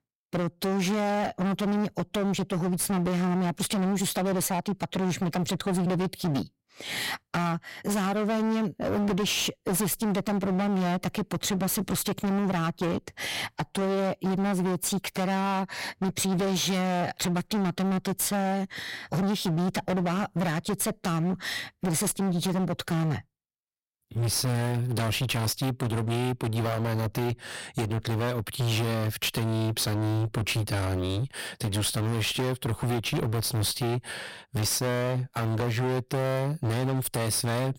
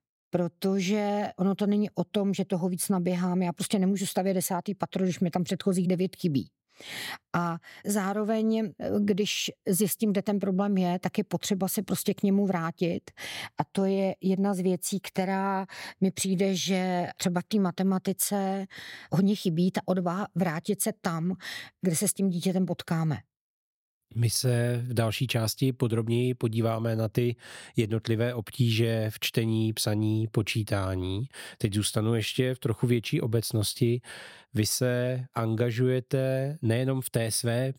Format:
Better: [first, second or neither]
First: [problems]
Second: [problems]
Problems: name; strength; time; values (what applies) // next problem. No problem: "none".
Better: second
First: distortion; heavy; 37% of the sound clipped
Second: none